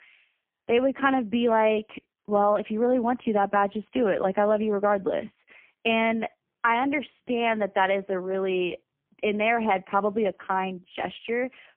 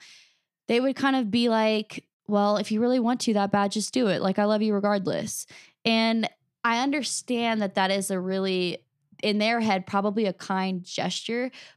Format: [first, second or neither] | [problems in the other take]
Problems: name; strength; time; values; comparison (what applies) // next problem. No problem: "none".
second | phone-call audio; poor line; nothing above 3 kHz